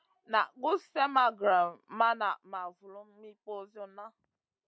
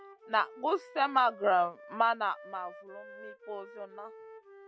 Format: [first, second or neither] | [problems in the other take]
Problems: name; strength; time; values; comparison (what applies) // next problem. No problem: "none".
first | background sound (Wind instrument, woodwind instrument); 18 dB below the speech